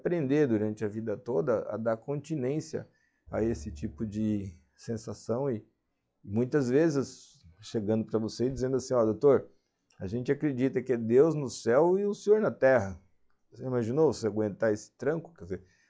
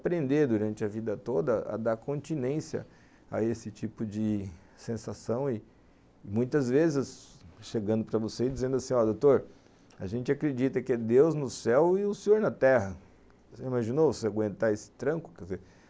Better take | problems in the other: second | noise reduction (classical method log-MMSE)

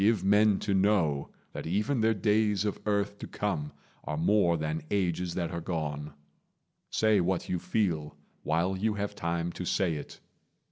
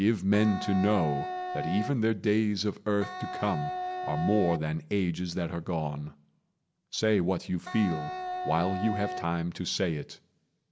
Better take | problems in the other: first | background sound (Wind instrument, woodwind instrument); 6 dB below the speech

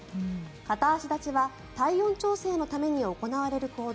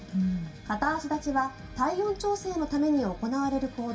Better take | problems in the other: first | room echo; dies away in 0.2 s

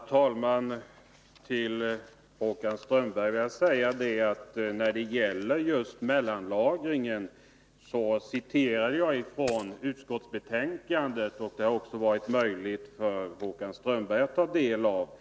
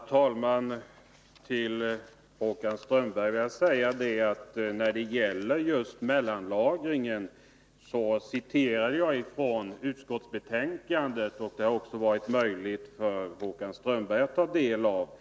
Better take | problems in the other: second | background sound (Coin (dropping)); 15 dB below the speech

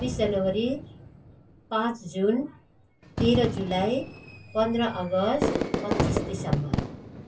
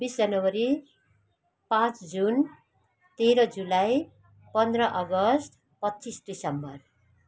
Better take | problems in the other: second | background sound (Fireworks); 4 dB below the speech // room echo; dies away in 0.1 s

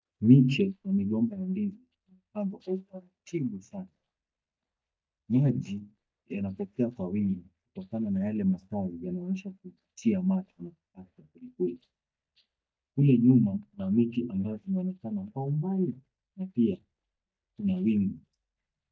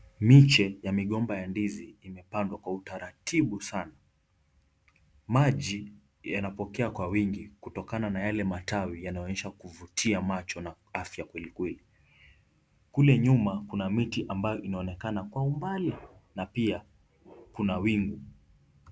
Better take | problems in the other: second | noise reduction (neural mask model DeepFilterNet 3)

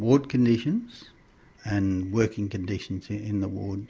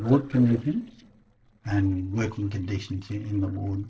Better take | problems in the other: first | noise reduction (neural separator model SepFormer DNS4)

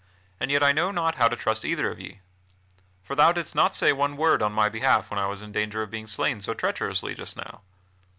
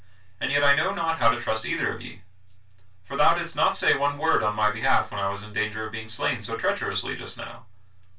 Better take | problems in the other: first | room echo; dies away in 0.1 s

